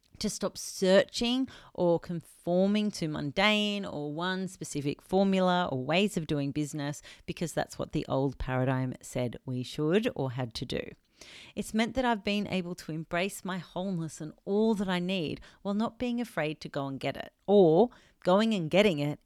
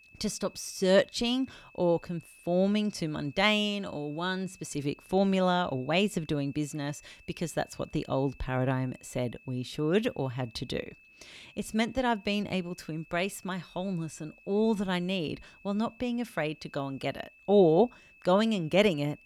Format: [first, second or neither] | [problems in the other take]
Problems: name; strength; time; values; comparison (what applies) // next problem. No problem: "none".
first | high-pitched whine; faint; throughout; 2.5 kHz, 25 dB below the speech